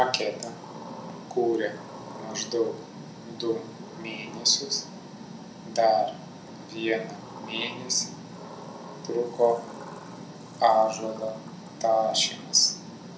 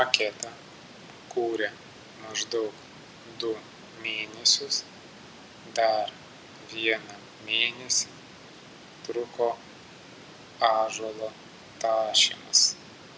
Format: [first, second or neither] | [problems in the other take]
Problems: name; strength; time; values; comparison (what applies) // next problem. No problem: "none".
second | background sound (Sliding door); 19 dB below the speech // room echo; dies away in 0.6 s